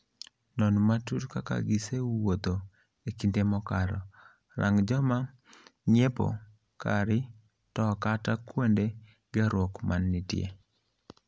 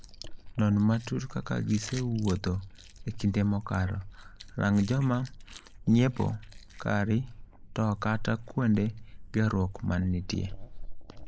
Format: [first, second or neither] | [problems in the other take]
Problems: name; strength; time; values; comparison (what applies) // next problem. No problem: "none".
first | noise reduction (neural mask model Resemble Enhance denoiser)